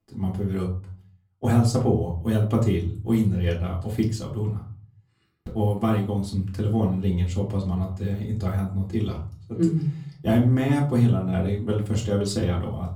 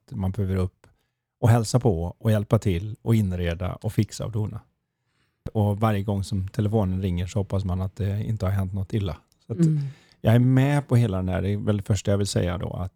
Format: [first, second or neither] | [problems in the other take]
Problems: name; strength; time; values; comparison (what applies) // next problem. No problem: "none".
second | off-mic speech; far // room echo; very slight; dies away in 0.4 s